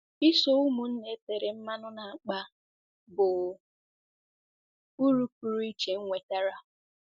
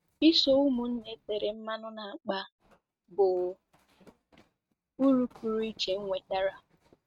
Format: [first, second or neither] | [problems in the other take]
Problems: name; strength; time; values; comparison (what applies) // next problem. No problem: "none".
first | noise reduction (neural mask model RNNoise)